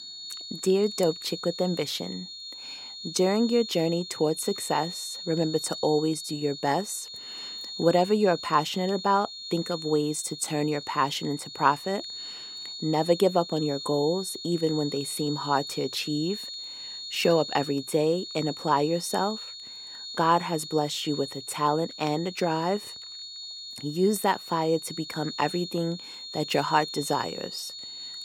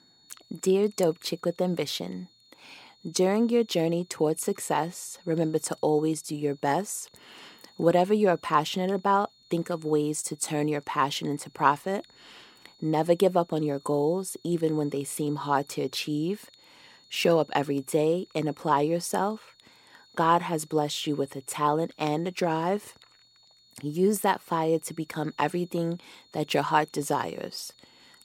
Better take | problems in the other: second | high-pitched whine; loud; throughout; 4.5 kHz, 9 dB below the speech; faint in the second

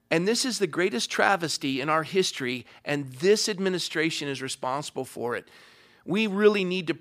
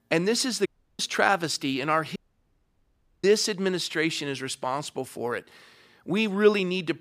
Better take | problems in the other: first | audio cutting out; at 0.5 s and at 2 s for 1 s

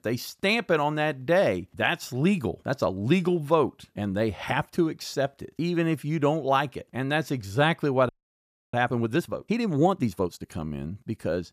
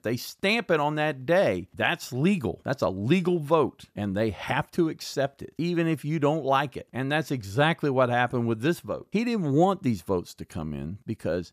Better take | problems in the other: second | audio freezing; at 8 s for 0.5 s

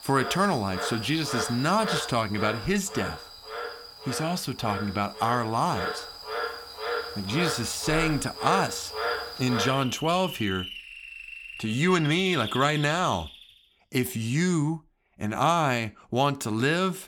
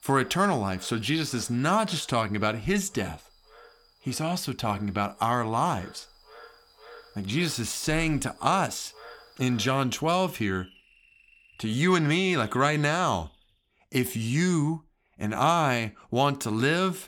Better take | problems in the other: second | animal sounds; loud; until 13 s; 7 dB below the speech; faint in the second

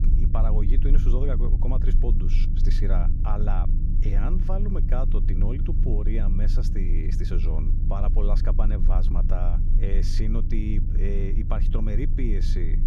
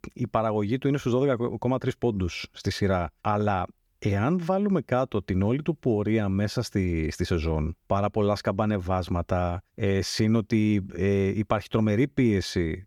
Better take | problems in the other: second | low rumble; loud; throughout; 6 dB below the speech

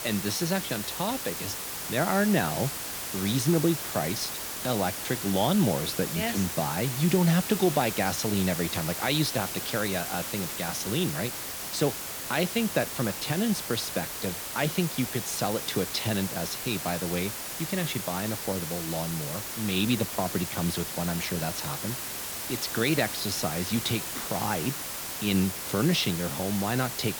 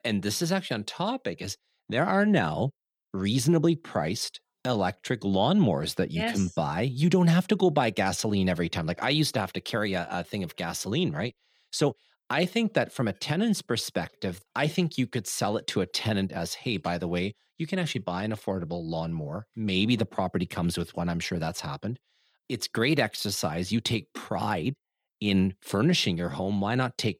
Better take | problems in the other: second | hiss; loud; throughout; 4 dB below the speech

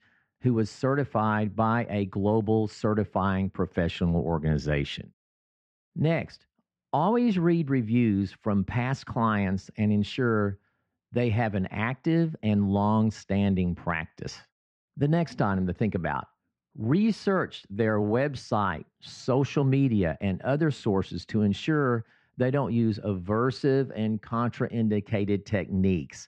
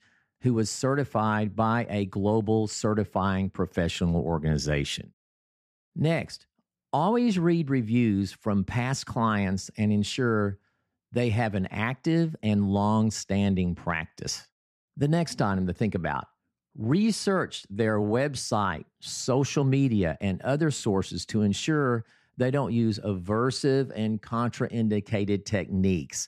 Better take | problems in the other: second | muffled; slightly; fading above 3 kHz

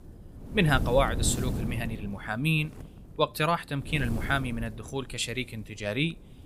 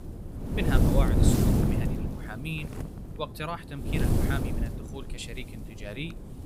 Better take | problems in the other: first | wind noise on the microphone; heavy; 2 dB above the speech; occasional gusts in the first

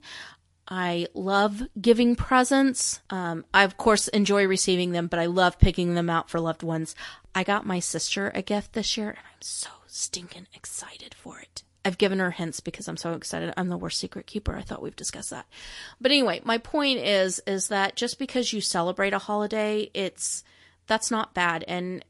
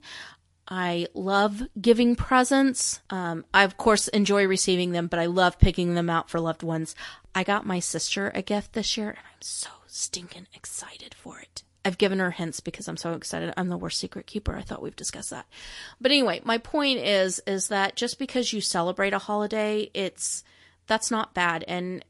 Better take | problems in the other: neither | garbled, watery; slightly; nothing above 11 kHz; the same in both

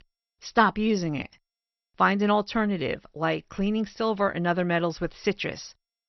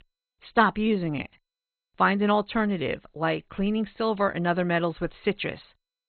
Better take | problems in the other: first | garbled, watery; badly; nothing above 4 kHz; slightly in the first

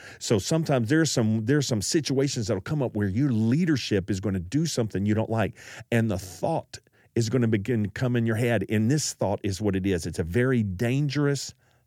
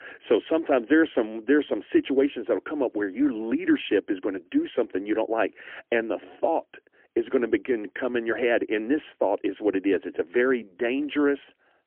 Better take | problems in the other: first | phone-call audio; poor line; nothing above 3.5 kHz

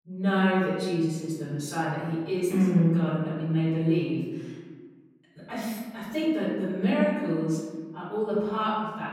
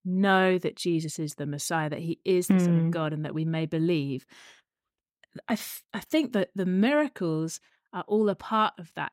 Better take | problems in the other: second | room echo; noticeable; dies away in 1.4 s // off-mic speech; far

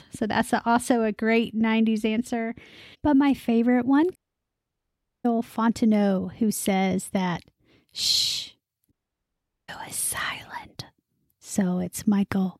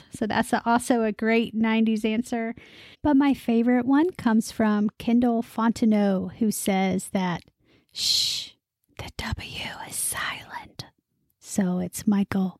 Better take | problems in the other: second | audio cutting out; at 4 s for 1 s and at 9 s for 1 s

